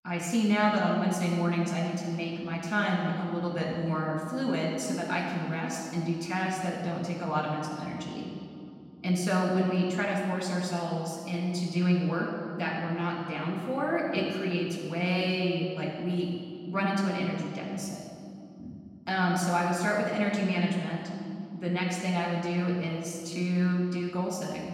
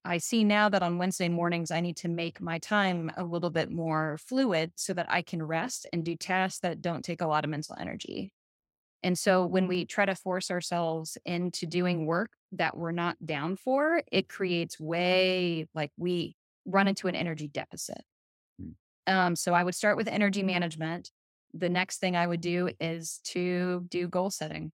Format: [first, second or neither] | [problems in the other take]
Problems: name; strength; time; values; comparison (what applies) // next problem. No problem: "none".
second | off-mic speech; far // room echo; noticeable; dies away in 2.3 s